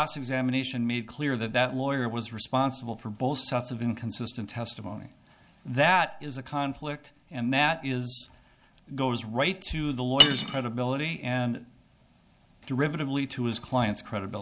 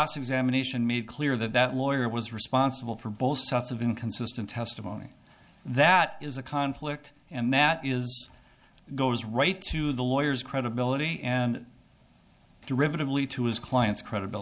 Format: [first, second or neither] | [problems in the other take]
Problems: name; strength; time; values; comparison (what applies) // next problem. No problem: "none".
second | background sound (Cutlery, silverware); as loud as the speech